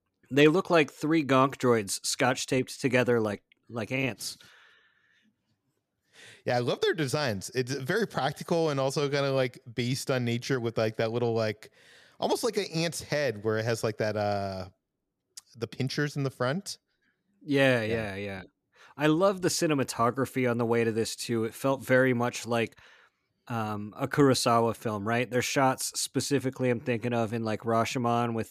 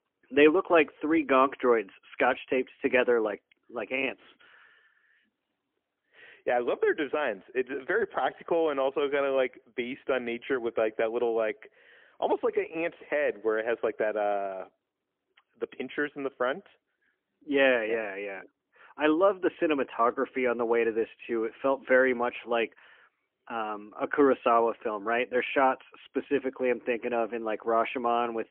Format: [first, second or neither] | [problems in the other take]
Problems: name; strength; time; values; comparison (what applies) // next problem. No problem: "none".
first | phone-call audio; poor line; nothing above 3 kHz